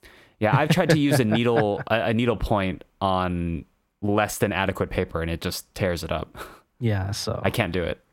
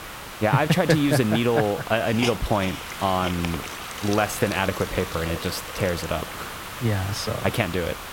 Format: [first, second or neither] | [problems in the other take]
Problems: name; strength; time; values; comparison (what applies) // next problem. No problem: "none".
first | hiss; loud; throughout; 9 dB below the speech